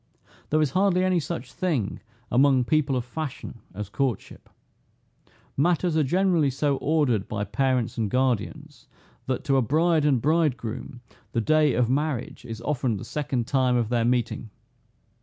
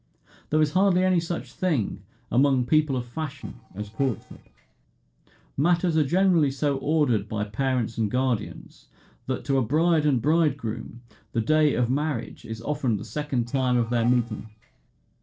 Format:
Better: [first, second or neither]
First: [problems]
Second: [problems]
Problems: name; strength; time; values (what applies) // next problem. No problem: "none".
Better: first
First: none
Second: noise reduction (neural separator model SepFormer DNS4)